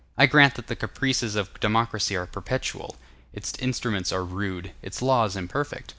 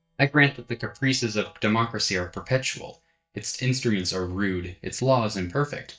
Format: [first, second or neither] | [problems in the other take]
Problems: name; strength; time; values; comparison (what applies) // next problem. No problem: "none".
first | noise reduction (neural mask model DeepFilterNet 3)